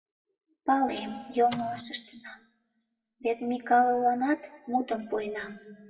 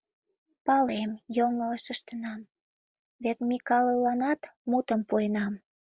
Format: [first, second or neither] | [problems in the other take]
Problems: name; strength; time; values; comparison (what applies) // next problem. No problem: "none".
second | noise reduction (classical method WPE with log-MMSE)